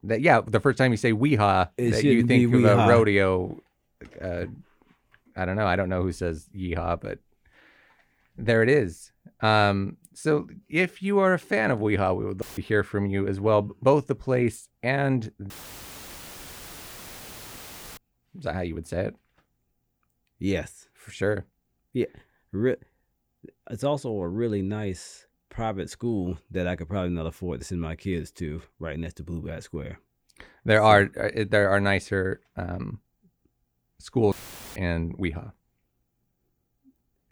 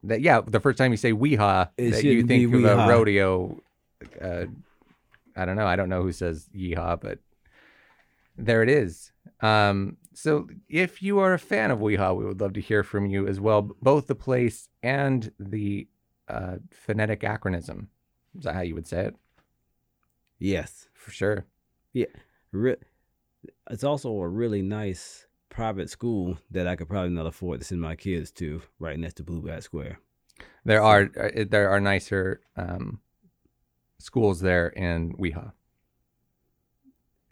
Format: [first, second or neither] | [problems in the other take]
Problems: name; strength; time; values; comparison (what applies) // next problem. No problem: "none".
second | audio cutting out; filled with static; at 12 s, at 16 s for 2.5 s and at 34 s